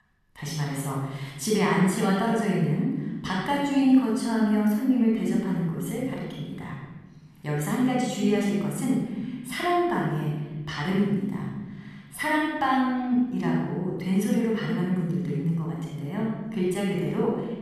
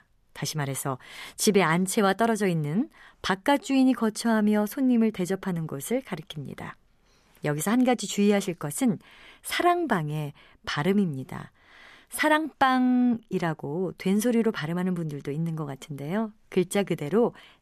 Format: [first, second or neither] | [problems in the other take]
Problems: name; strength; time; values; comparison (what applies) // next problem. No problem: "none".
second | off-mic speech; far // room echo; strong; dies away in 1.4 s